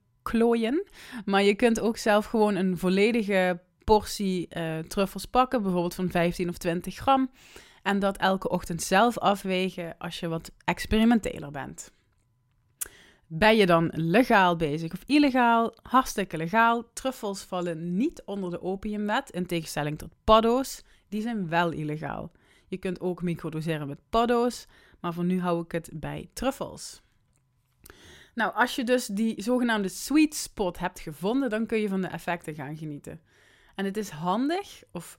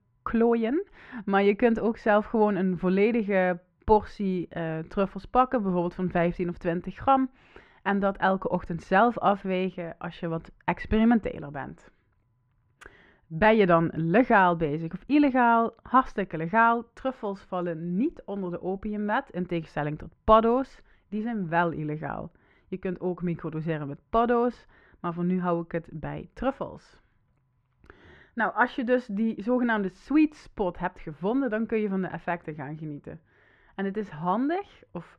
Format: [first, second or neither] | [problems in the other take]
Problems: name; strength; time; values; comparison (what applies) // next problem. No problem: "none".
first | muffled; very; fading above 1.5 kHz